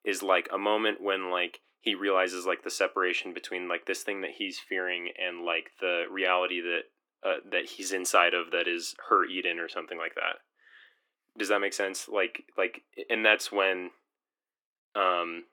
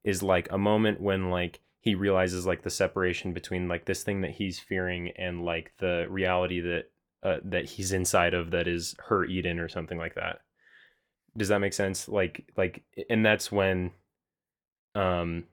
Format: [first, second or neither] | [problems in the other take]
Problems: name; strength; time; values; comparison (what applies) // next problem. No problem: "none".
second | thin; somewhat; fading below 300 Hz